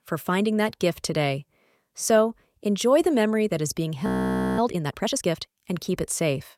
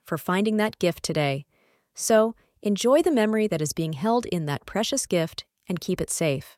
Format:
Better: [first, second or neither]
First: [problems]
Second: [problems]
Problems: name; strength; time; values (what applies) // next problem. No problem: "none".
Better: second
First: audio freezing; at 4 s for 0.5 s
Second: none